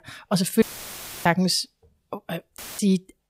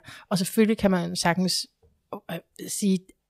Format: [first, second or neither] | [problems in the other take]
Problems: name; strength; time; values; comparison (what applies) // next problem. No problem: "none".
second | audio cutting out; filled with static; at 0.5 s for 0.5 s and at 2.5 s